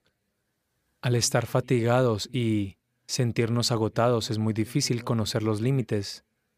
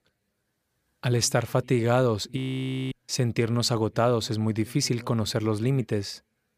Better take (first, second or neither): first